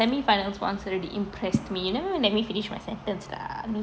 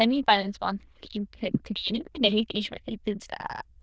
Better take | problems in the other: first | noise reduction (neural diffusion model UNIVERSE++)

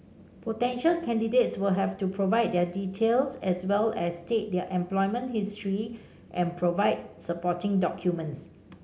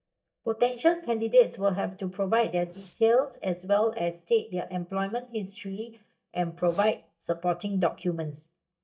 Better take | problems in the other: first | noise reduction (neural mask model DeepFilterNet 3)

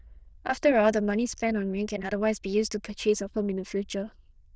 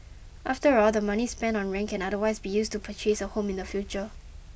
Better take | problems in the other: second | noise reduction (neural diffusion model UNIVERSE++)

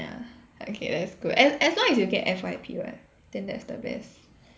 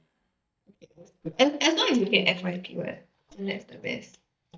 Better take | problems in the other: first | noise reduction (neural mask model DeepFilterNet 3)

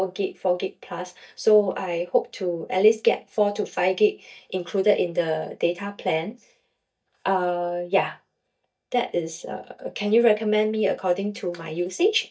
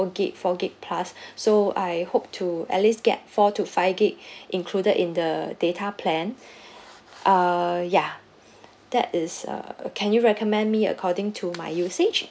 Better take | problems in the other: second | noise reduction (neural mask model DeepFilterNet 3)

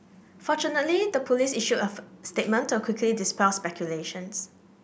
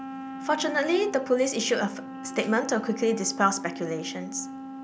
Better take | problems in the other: first | background sound (Wind instrument, woodwind instrument); 11 dB below the speech

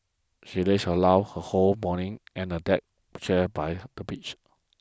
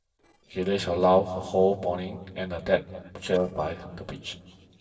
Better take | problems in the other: first | noise reduction (neural separator model SepFormer DNS4)

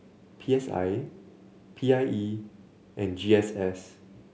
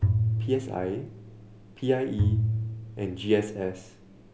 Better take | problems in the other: first | background sound (Bowed string instrument); 1 dB above the speech

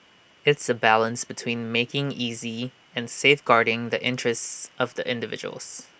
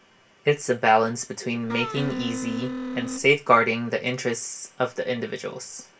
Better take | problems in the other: first | background sound (Wind instrument, woodwind instrument); 6 dB below the speech // room echo; dies away in 0.2 s

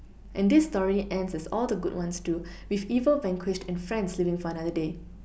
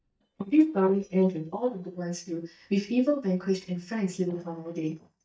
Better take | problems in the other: first | noise reduction (neural mask model DeepFilterNet 3)

